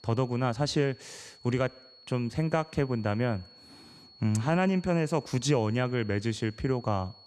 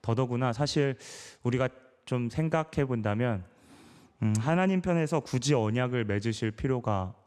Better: second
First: high-pitched whine; faint; throughout; 4.5 kHz, 25 dB below the speech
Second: none

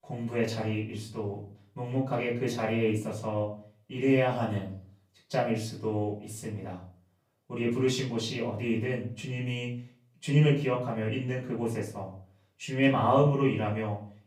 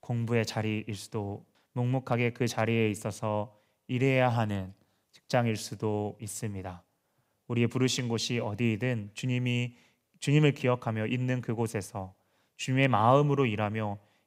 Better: second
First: off-mic speech; far // room echo; slight; dies away in 0.4 s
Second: none

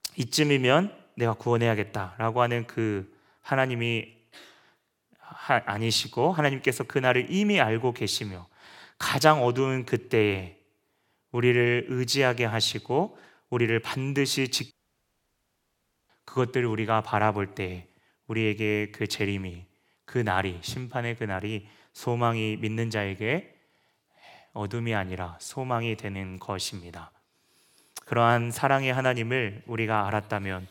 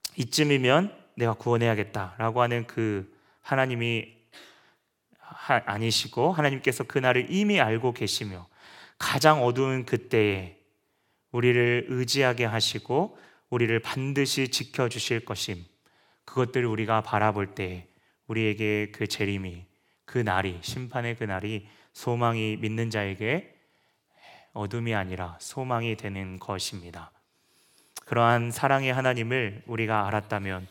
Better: second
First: audio cutting out; at 15 s for 1.5 s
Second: none

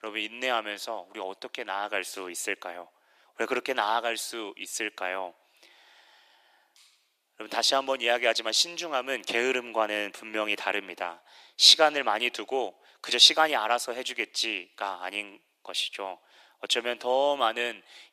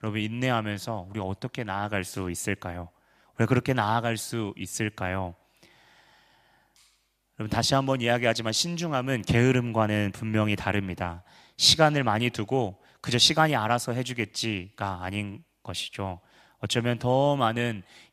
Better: second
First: thin; very; fading below 350 Hz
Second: none

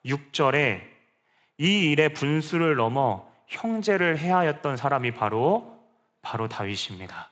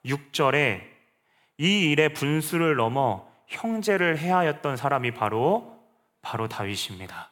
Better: second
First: garbled, watery; slightly; nothing above 7.5 kHz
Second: none

